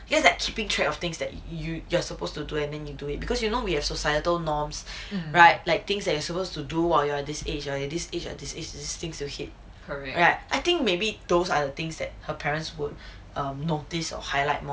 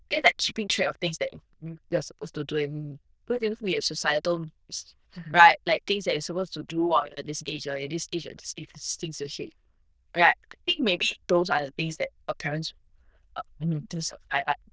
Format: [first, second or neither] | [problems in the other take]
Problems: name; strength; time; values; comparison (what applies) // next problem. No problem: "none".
first | noise reduction (neural diffusion model UNIVERSE++)